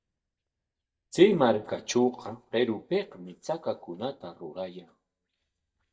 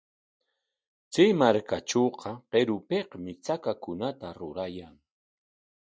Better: second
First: noise reduction (neural mask model DeepFilterNet 3)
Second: none

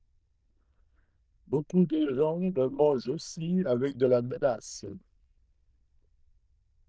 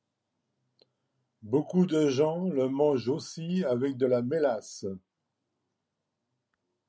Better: second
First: noise reduction (neural diffusion model UNIVERSE++)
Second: none

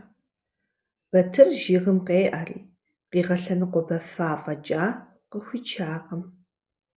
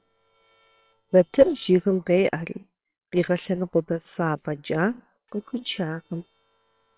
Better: first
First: none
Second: noise reduction (neural separator model SepFormer WHAM!)

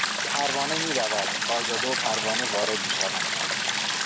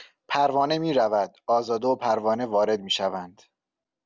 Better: second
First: background sound (Stream); 4 dB above the speech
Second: none

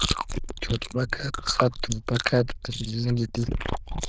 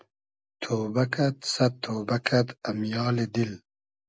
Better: second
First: noise reduction (neural diffusion model UNIVERSE++)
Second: none

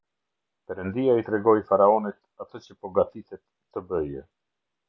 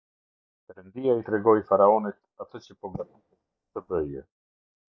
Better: first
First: none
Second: noise reduction (neural mask model DeepFilterNet 3)

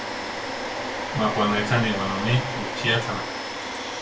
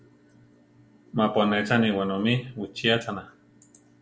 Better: second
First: background sound (Domestic sounds, home sounds); 3 dB below the speech // room echo; dies away in 0.2 s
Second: none

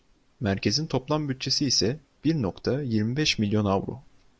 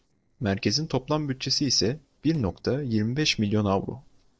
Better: first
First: none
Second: noise reduction (neural separator model SepFormer DNS4)

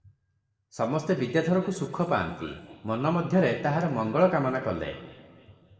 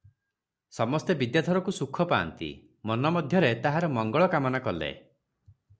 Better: second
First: room echo; dies away in 1.4 s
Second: none

